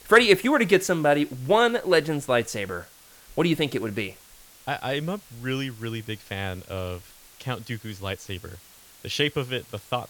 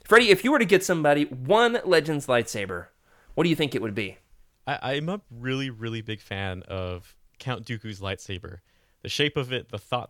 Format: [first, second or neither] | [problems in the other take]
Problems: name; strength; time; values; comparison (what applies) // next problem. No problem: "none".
second | hiss; faint; throughout; 25 dB below the speech